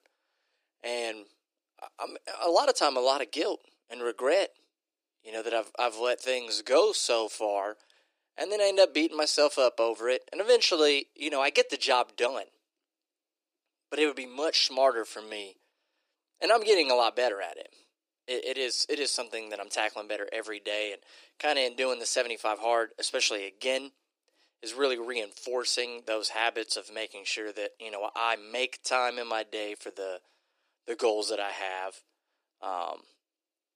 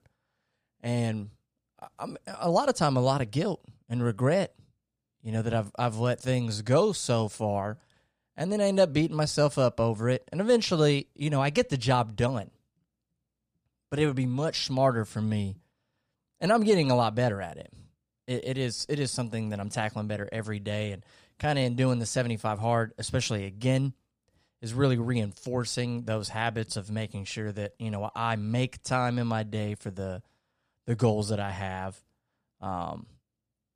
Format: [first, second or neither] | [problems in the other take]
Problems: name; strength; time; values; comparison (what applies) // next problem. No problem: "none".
second | thin; very; fading below 300 Hz